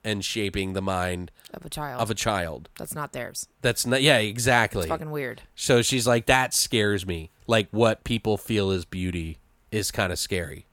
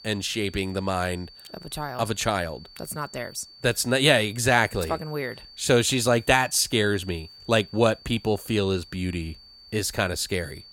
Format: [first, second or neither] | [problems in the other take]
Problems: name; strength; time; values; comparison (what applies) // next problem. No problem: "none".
first | high-pitched whine; faint; throughout; 4.5 kHz, 20 dB below the speech